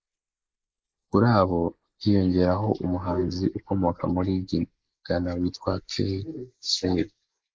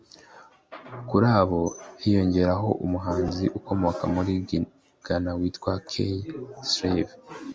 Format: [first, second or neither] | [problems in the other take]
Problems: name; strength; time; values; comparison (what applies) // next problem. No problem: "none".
second | noise reduction (neural mask model Resemble Enhance denoiser)